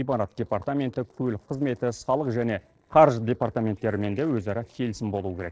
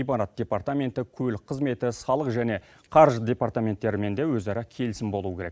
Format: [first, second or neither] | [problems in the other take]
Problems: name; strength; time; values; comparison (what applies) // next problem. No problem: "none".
second | noise reduction (neural separator model SepFormer DNS4)